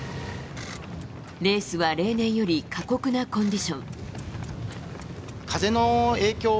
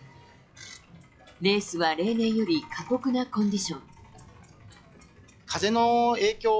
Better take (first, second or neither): first